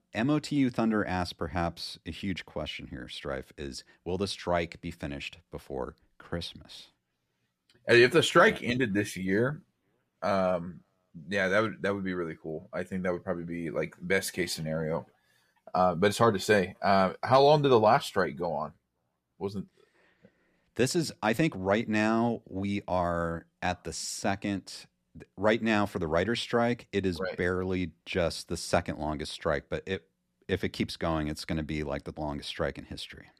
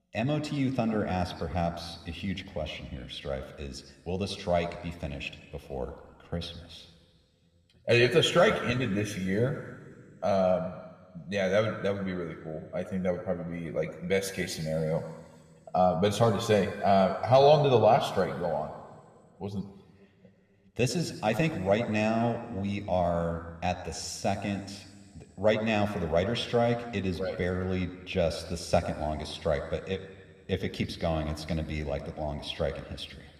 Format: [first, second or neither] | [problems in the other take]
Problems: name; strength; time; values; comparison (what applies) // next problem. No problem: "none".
first | room echo; slight; dies away in 2.3 s